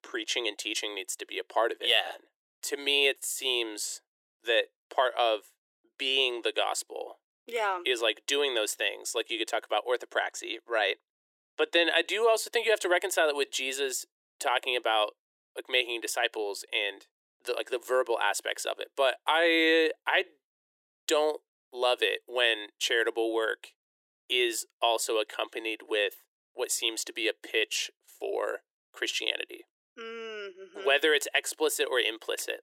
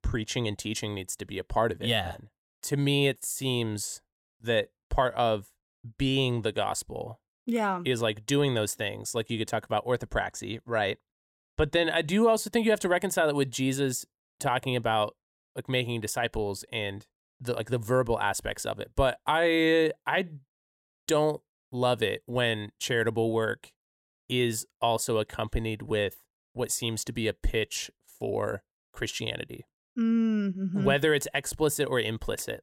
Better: second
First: thin; very; fading below 350 Hz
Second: none

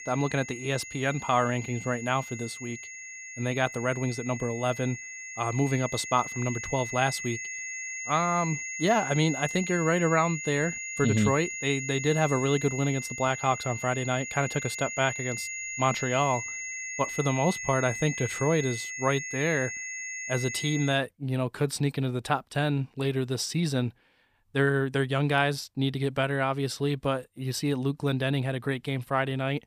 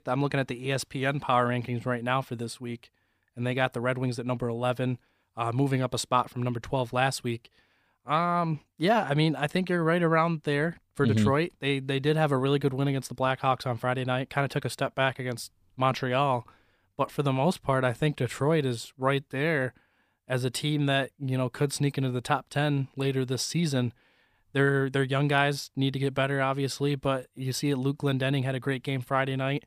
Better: second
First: high-pitched whine; loud; until 21 s; 2 kHz, 7 dB below the speech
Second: none

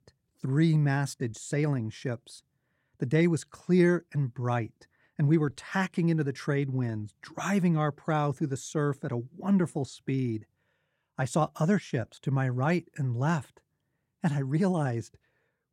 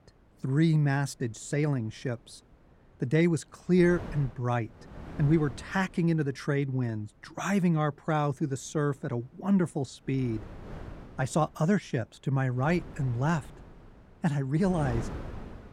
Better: first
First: none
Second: wind noise on the microphone; occasional gusts; 15 dB below the speech

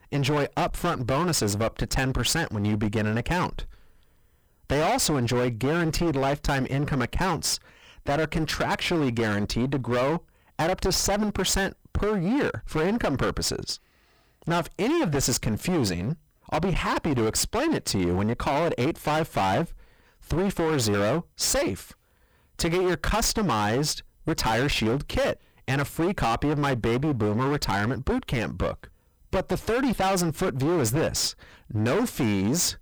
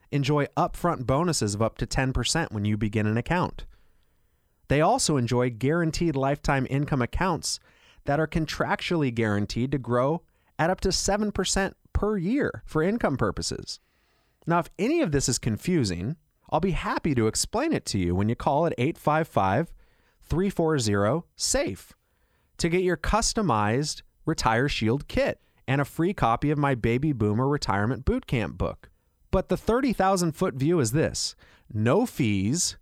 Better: second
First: distortion; heavy; 24% of the sound clipped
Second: none

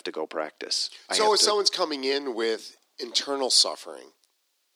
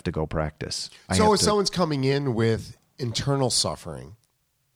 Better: second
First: thin; somewhat; fading below 300 Hz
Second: none

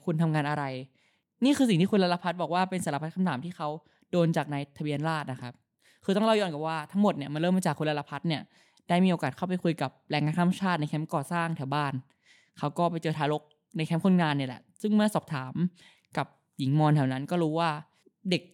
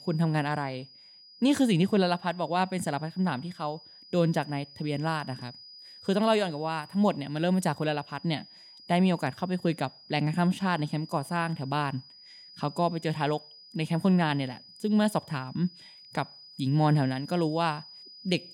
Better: first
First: none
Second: high-pitched whine; noticeable; throughout; 5 kHz, 20 dB below the speech

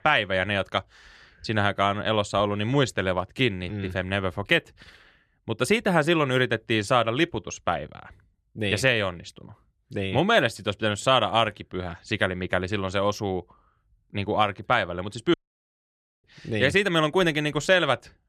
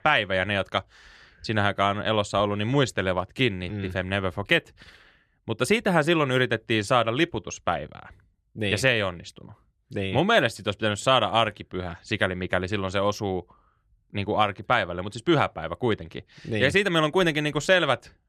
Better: second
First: audio cutting out; at 15 s for 1 s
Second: none

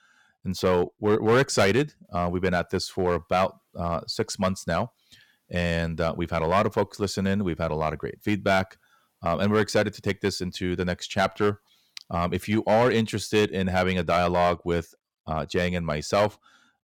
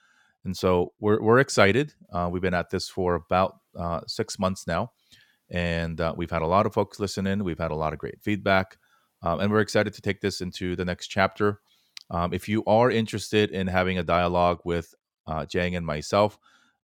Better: second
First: distortion; slight; 3% of the sound clipped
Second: none

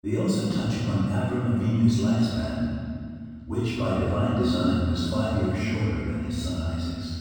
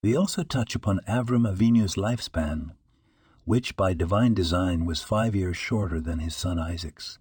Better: second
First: off-mic speech; far // room echo; strong; dies away in 2.1 s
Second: none

